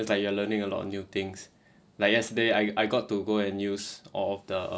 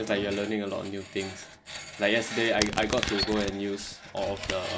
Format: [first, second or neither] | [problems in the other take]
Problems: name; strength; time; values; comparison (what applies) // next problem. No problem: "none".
first | background sound (Domestic sounds, home sounds + Screech); 6 dB below the speech